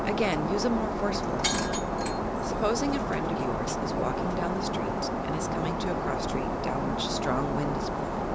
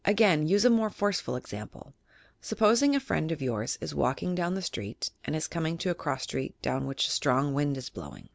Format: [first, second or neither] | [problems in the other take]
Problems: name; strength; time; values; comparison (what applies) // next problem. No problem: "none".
second | background sound (Shatter); 3 dB above the speech